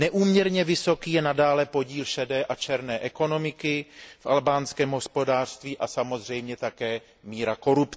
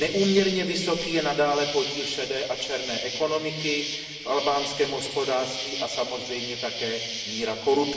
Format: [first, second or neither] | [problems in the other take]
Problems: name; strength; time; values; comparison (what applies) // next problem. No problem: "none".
first | background sound (Insect); 7 dB below the speech // room echo; dies away in 1.9 s